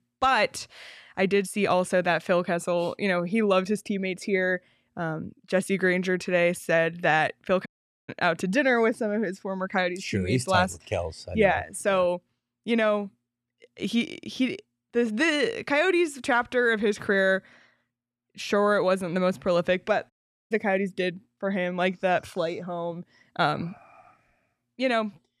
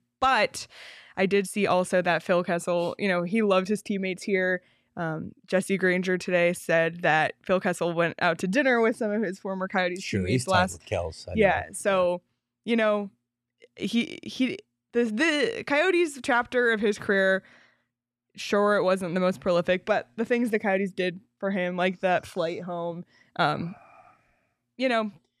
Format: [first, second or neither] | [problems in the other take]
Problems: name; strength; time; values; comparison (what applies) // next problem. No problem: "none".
second | audio cutting out; at 7.5 s and at 20 s